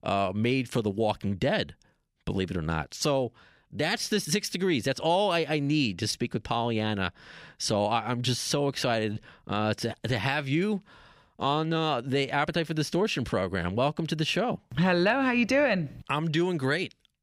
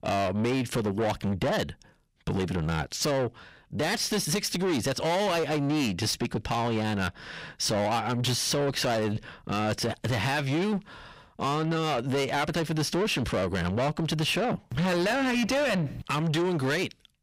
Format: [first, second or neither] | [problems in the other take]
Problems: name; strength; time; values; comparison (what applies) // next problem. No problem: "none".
first | distortion; heavy; 7 dB below the speech